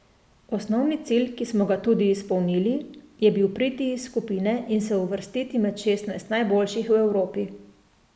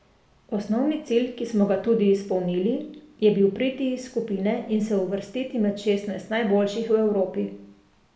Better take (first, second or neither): first